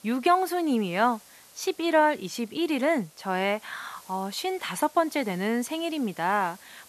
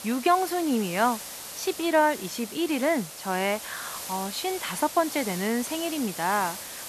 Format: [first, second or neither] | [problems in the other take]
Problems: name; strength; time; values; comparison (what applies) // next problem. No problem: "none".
first | hiss; loud; throughout; 9 dB below the speech; faint in the first